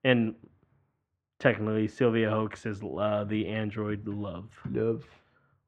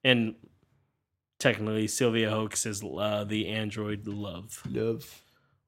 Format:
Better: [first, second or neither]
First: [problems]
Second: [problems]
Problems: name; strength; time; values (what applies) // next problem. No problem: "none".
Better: second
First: muffled; very; fading above 1.5 kHz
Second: none